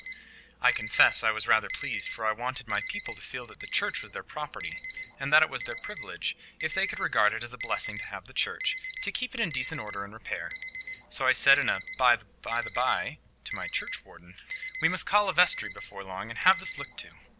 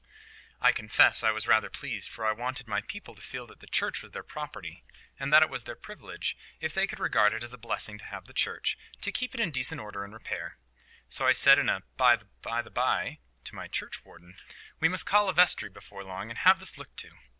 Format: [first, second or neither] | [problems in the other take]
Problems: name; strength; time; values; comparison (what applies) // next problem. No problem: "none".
second | background sound (Alarm); 11 dB below the speech